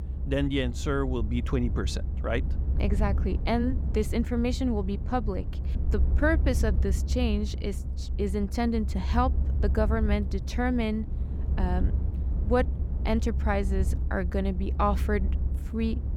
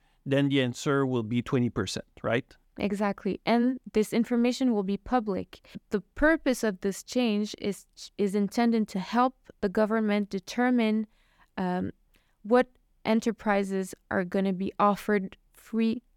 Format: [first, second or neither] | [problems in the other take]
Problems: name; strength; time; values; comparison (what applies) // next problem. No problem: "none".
second | low rumble; noticeable; throughout; 15 dB below the speech